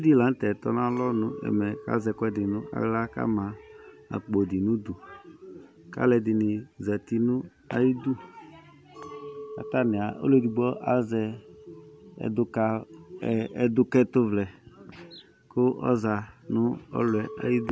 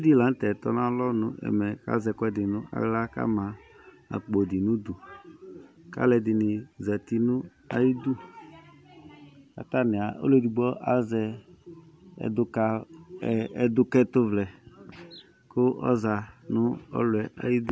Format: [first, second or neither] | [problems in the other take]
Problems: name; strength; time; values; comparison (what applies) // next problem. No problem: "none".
second | background sound (Chink, clink); 20 dB below the speech